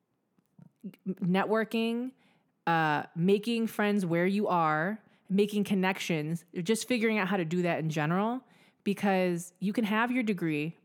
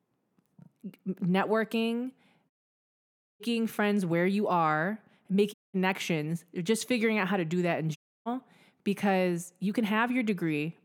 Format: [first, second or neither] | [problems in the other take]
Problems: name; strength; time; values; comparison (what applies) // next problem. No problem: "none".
first | audio cutting out; at 2.5 s for 1 s, at 5.5 s and at 8 s